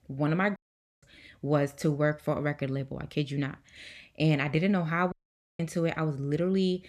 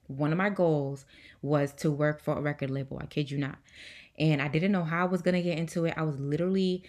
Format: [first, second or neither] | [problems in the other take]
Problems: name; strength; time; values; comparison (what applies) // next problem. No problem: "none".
second | audio cutting out; at 0.5 s and at 5 s